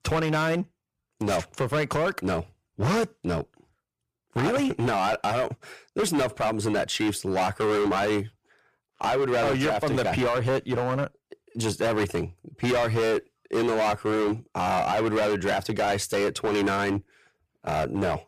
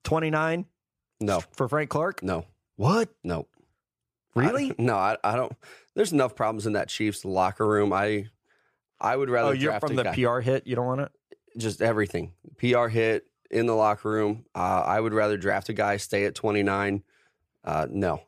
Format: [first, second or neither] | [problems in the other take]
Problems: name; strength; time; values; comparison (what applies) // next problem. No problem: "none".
second | distortion; heavy; 18% of the sound clipped